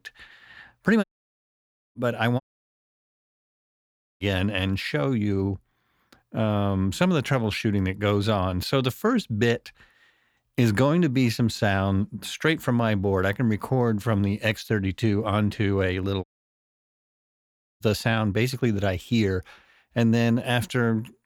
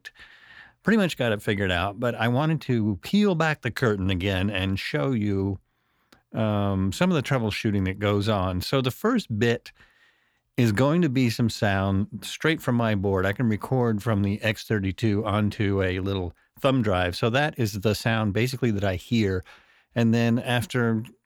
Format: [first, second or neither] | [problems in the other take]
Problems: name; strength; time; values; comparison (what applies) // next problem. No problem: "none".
second | audio cutting out; at 1 s for 1 s, at 2.5 s for 2 s and at 16 s for 1.5 s